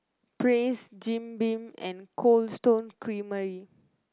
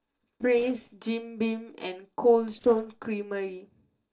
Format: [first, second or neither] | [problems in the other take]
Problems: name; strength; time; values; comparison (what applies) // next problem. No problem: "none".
first | noise reduction (neural separator model SepFormer DNS4)